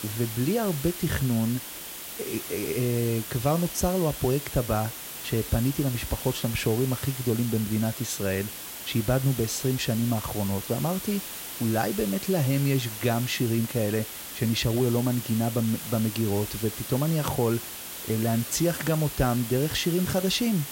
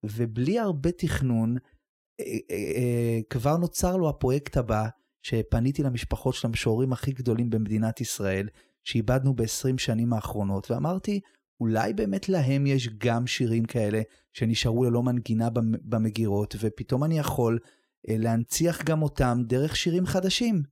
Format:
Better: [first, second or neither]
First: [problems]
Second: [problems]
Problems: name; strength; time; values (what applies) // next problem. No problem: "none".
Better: second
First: hiss; loud; throughout; 8 dB below the speech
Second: none